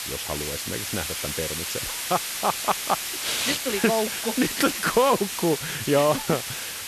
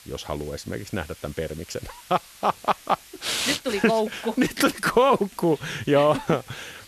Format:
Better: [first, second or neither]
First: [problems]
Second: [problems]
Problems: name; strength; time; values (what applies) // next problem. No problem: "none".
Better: second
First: hiss; loud; throughout; 3 dB below the speech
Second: hiss; faint; throughout; 20 dB below the speech